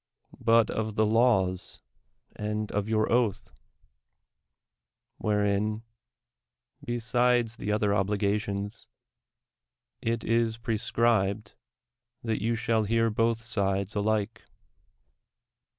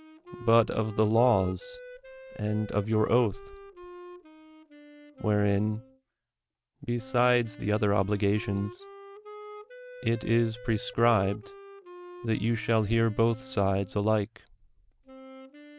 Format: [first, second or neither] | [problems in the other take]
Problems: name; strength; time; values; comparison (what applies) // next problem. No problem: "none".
first | background sound (Wind instrument, woodwind instrument); 18 dB below the speech